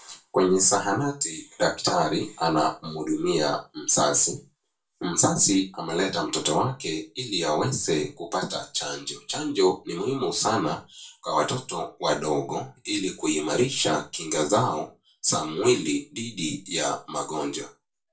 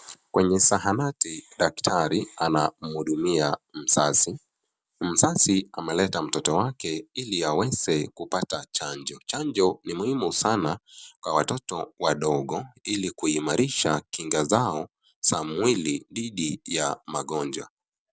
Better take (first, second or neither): second